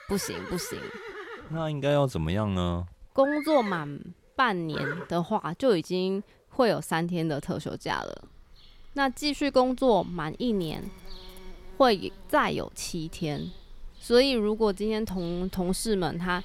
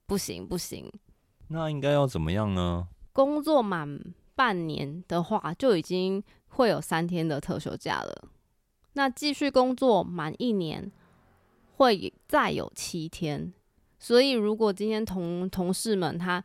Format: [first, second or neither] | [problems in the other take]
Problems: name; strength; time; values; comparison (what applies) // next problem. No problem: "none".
second | animal sounds; noticeable; throughout; 15 dB below the speech